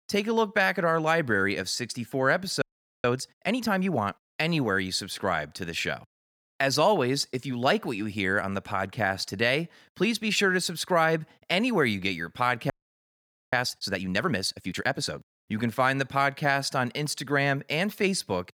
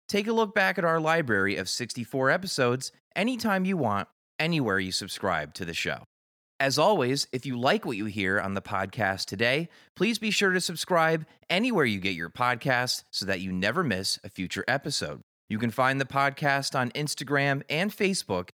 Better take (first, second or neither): second